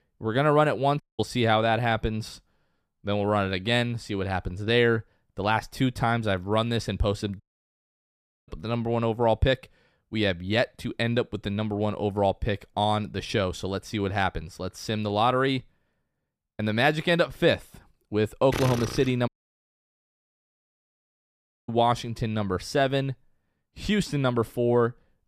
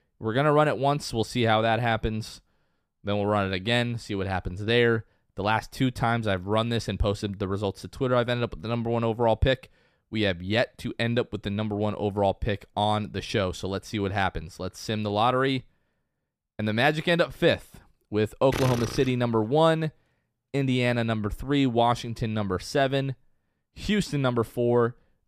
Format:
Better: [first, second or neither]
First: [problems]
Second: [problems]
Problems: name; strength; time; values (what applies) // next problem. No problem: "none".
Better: second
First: audio cutting out; at 1 s, at 7.5 s for 1 s and at 19 s for 2.5 s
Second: none